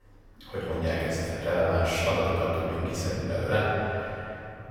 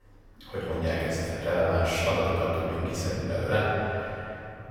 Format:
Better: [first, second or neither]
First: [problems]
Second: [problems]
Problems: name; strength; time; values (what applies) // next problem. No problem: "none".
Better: neither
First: off-mic speech; far // room echo; strong; dies away in 2.7 s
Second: off-mic speech; far // room echo; strong; dies away in 2.7 s